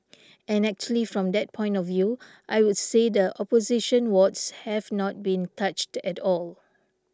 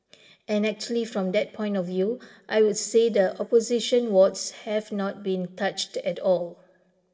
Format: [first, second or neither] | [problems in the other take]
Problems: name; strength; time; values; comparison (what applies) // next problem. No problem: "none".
first | room echo; dies away in 0.7 s